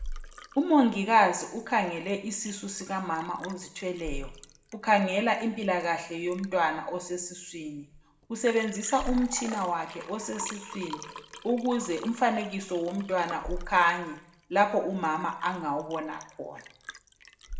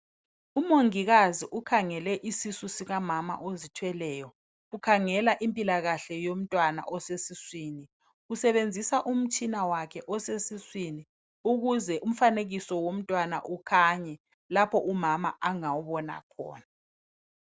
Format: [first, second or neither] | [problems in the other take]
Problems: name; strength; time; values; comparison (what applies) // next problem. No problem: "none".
second | background sound (Liquid); 14 dB below the speech // room echo; dies away in 0.6 s